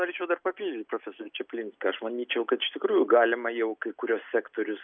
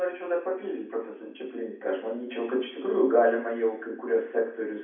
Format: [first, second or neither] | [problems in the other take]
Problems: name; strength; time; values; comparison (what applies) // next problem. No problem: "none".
first | room echo; dies away in 0.6 s